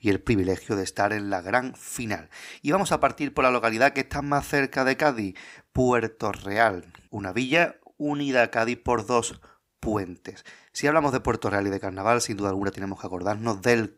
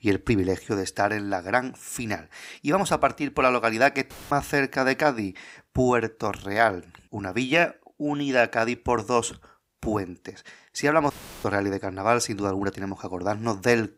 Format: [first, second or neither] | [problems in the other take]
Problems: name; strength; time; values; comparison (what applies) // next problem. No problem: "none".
first | audio cutting out; filled with static; at 4 s and at 11 s